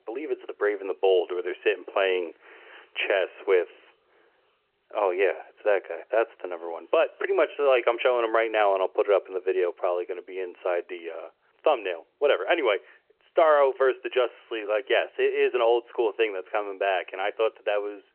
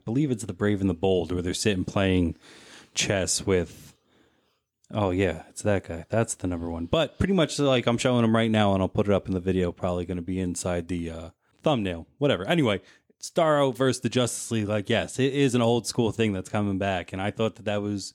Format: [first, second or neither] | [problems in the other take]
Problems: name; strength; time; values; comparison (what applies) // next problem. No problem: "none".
second | phone-call audio; nothing above 3 kHz